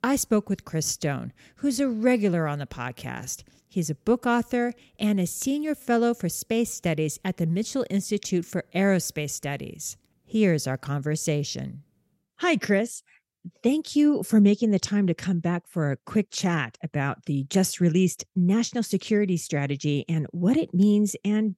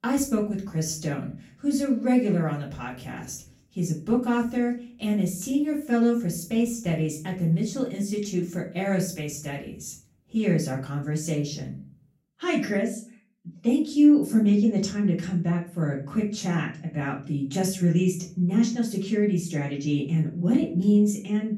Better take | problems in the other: first | off-mic speech; far // room echo; slight; dies away in 0.3 s

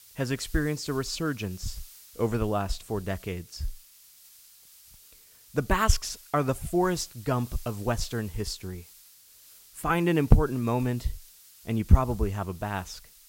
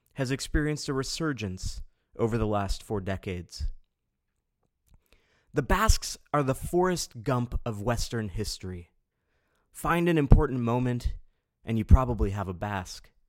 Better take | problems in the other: second | hiss; faint; throughout; 20 dB below the speech

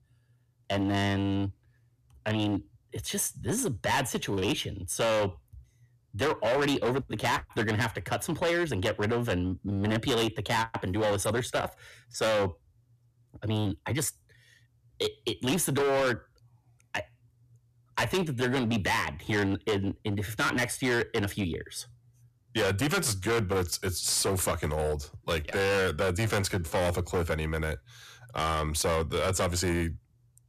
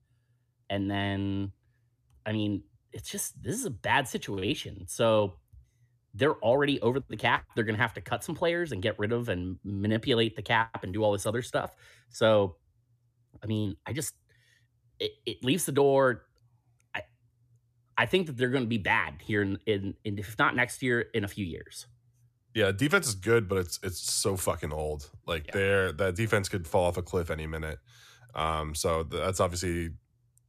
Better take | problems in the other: second | distortion; heavy; 15% of the sound clipped

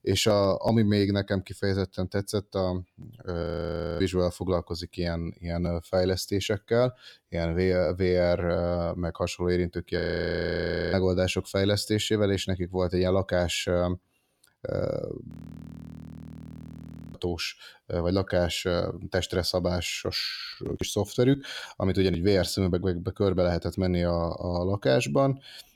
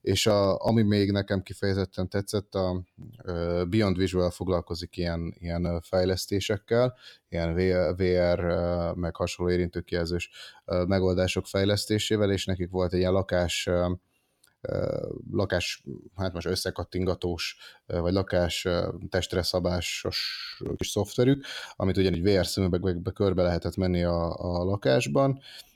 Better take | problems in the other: second | audio freezing; at 3.5 s for 0.5 s, at 10 s for 1 s and at 15 s for 2 s

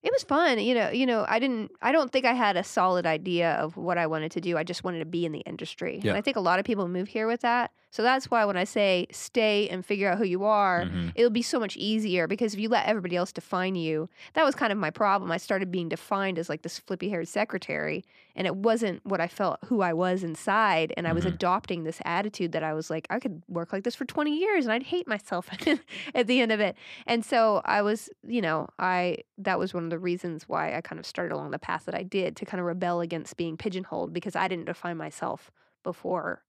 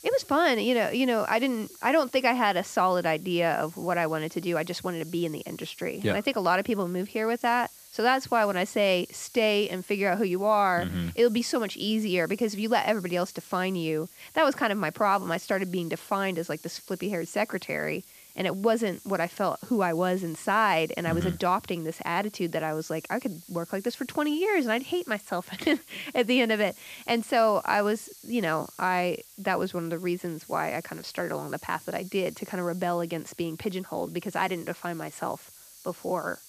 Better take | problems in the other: first | hiss; faint; throughout; 20 dB below the speech

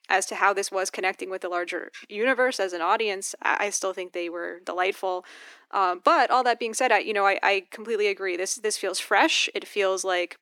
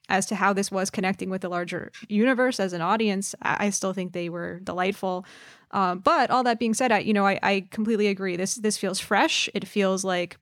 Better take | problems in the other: second | thin; very; fading below 300 Hz

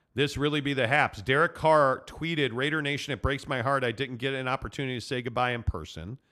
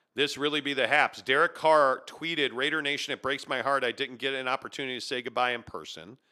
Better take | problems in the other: first | thin; somewhat; fading below 300 Hz

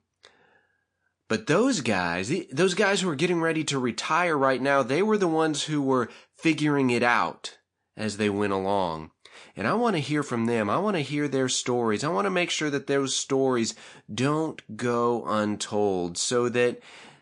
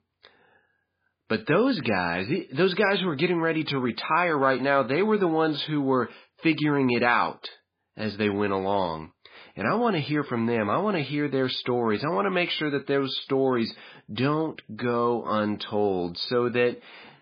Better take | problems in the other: first | garbled, watery; badly; nothing above 4.5 kHz; slightly in the first

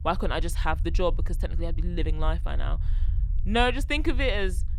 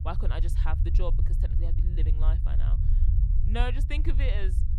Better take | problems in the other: first | low rumble; loud; throughout; 8 dB below the speech; faint in the first

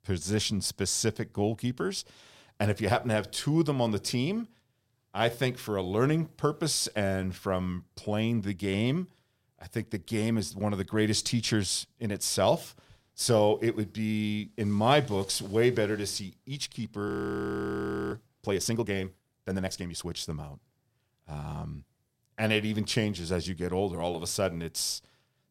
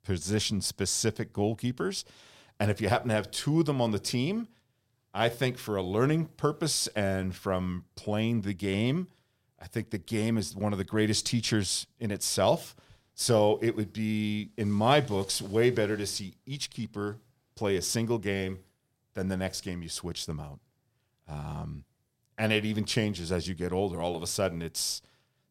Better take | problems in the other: second | audio freezing; at 17 s for 1 s

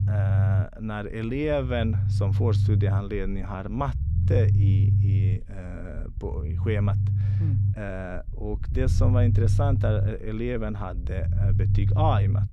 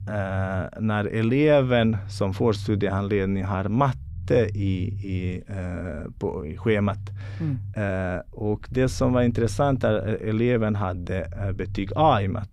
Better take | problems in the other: second | low rumble; loud; throughout; 6 dB below the speech; faint in the second

